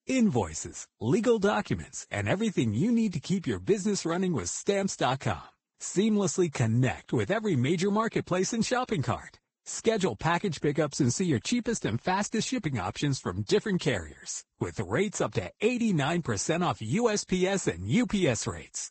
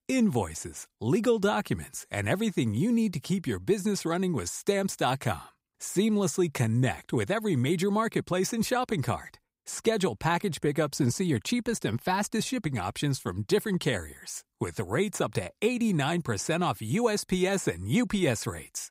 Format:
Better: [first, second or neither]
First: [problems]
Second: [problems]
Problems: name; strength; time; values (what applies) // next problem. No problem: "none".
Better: second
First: garbled, watery; badly; nothing above 8 kHz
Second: none